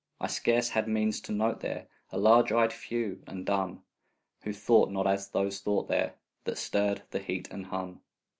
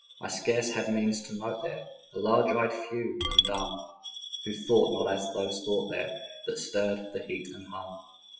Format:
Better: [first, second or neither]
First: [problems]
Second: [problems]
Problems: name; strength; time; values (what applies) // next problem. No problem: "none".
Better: first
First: none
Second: noise reduction (classical method WPE with log-MMSE)